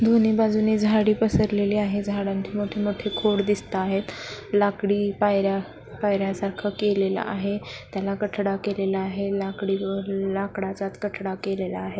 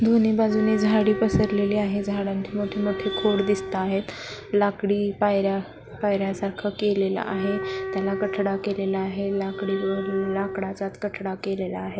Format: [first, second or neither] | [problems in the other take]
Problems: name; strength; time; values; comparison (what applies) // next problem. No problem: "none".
first | background sound (Wind instrument, woodwind instrument); 8 dB below the speech